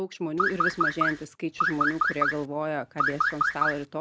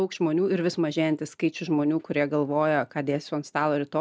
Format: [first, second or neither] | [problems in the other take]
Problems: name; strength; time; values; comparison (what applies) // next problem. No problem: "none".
second | background sound (Car); 4 dB above the speech